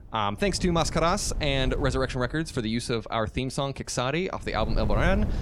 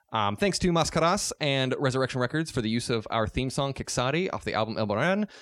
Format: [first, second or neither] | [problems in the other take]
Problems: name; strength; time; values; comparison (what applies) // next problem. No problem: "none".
second | wind noise on the microphone; occasional gusts; 15 dB below the speech